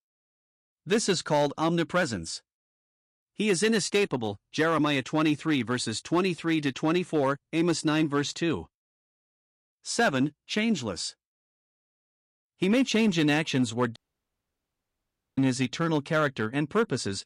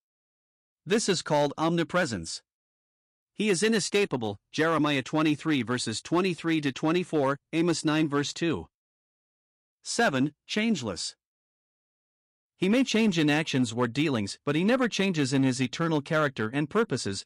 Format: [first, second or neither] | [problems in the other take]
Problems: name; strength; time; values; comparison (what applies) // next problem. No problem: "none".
second | audio cutting out; at 14 s for 1.5 s